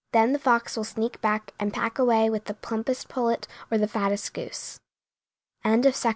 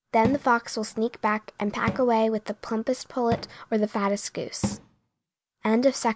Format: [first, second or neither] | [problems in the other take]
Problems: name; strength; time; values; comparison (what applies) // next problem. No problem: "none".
first | background sound (Cupboard open or close / Drawer open or close); 12 dB below the speech